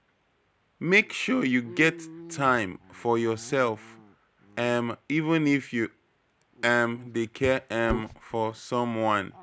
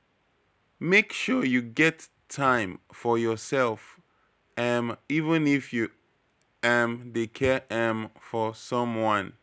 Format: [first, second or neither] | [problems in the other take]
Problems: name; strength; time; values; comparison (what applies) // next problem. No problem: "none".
second | background sound (Dog); 17 dB below the speech